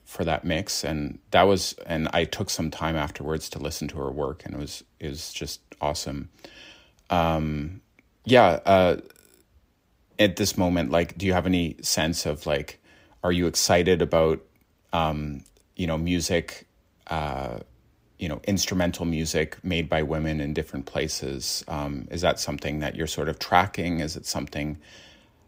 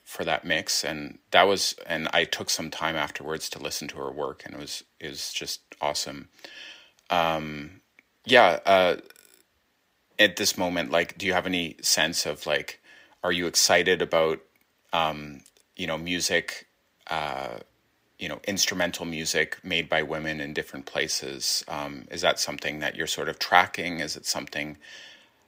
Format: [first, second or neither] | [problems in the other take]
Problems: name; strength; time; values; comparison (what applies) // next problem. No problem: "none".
first | thin; somewhat; fading below 600 Hz